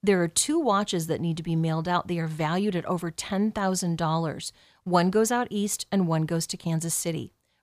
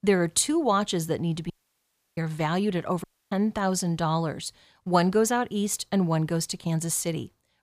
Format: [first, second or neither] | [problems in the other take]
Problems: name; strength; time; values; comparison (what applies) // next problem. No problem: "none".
first | audio cutting out; at 1.5 s for 0.5 s and at 3 s